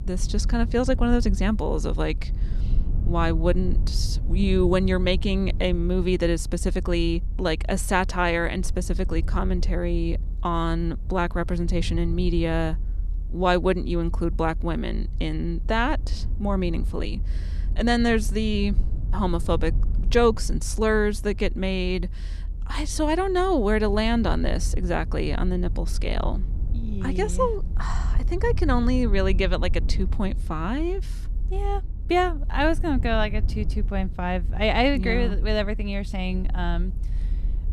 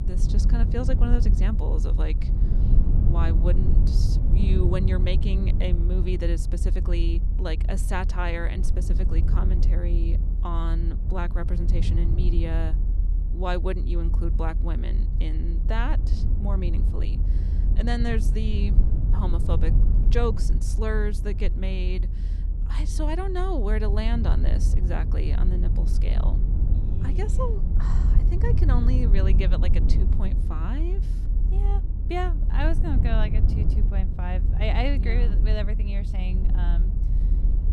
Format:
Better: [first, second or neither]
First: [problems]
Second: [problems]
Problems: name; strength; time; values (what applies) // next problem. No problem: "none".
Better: first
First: low rumble; faint; throughout; 20 dB below the speech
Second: low rumble; loud; throughout; 7 dB below the speech